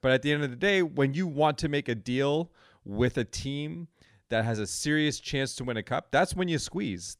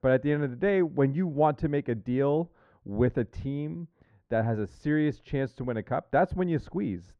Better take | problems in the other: first | muffled; very; fading above 3 kHz

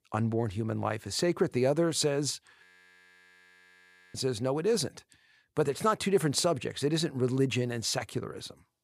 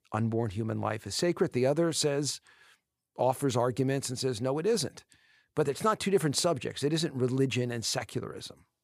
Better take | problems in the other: second | audio freezing; at 2.5 s for 1.5 s

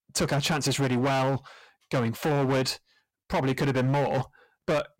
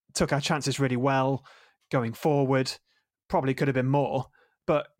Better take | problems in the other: second | distortion; heavy; 20% of the sound clipped

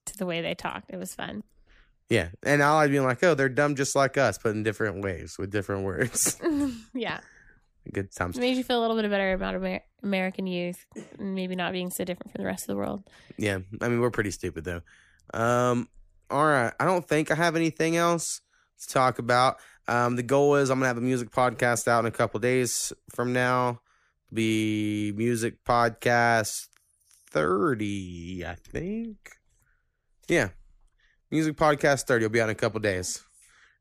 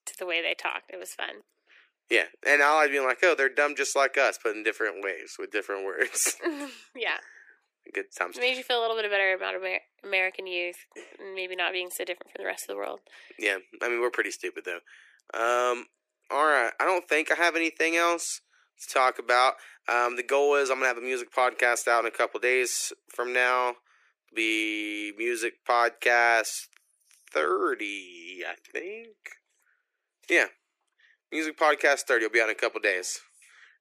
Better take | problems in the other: first | thin; very; fading below 350 Hz

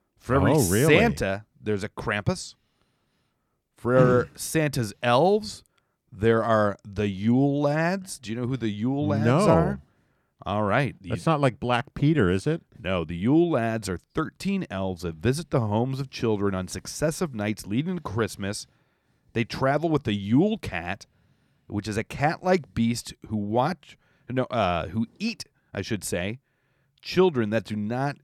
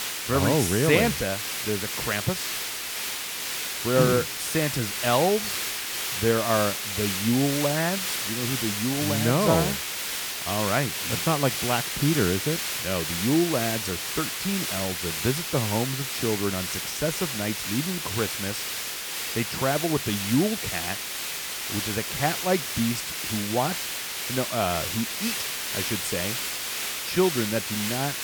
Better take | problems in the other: first | hiss; loud; throughout; 1 dB below the speech

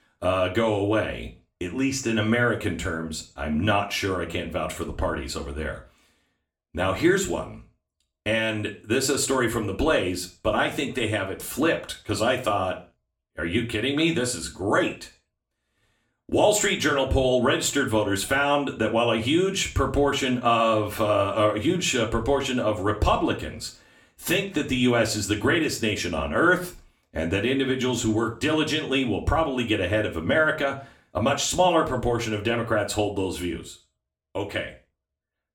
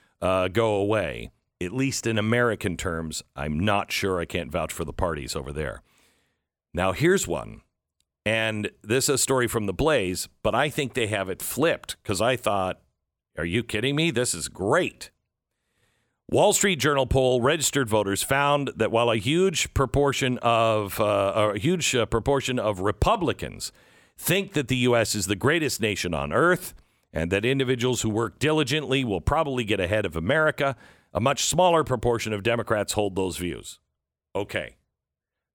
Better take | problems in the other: second | room echo; very slight; dies away in 0.3 s // off-mic speech; far

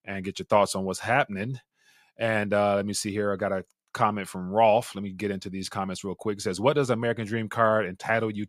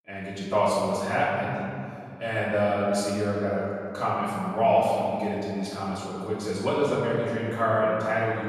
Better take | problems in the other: first | off-mic speech; far // room echo; strong; dies away in 2.2 s

